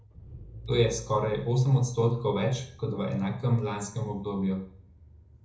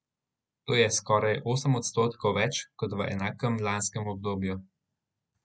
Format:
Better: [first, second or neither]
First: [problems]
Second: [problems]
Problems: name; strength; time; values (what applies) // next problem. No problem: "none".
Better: second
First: background sound (Engine / Car); 19 dB below the speech // room echo; dies away in 0.5 s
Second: none